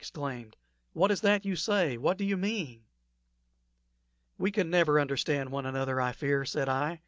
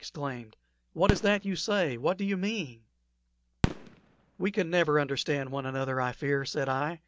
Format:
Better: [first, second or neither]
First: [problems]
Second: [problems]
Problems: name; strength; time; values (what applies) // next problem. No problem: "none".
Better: first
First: none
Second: background sound (Fireworks); 6 dB below the speech